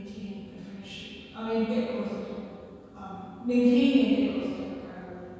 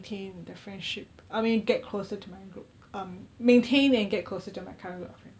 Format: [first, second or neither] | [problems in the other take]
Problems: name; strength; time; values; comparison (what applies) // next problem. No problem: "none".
second | room echo; dies away in 2.1 s